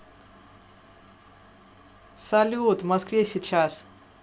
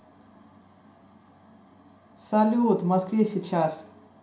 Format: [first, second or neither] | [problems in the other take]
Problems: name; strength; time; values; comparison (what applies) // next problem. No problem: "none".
first | room echo; dies away in 0.5 s